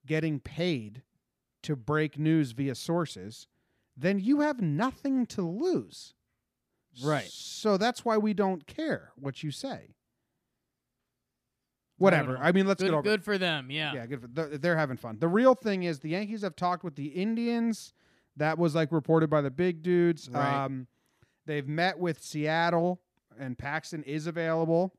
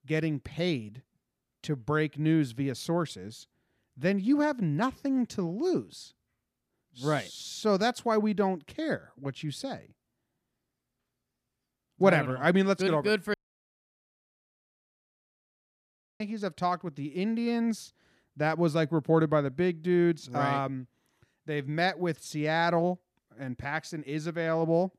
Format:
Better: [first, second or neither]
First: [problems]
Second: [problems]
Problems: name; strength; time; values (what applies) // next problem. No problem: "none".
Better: first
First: none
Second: audio cutting out; at 13 s for 3 s